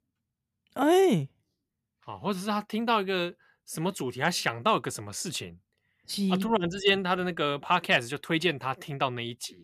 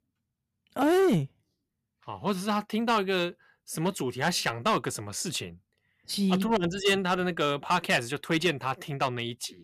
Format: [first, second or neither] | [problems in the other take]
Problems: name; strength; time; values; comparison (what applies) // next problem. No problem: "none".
first | distortion; slight; 3% of the sound clipped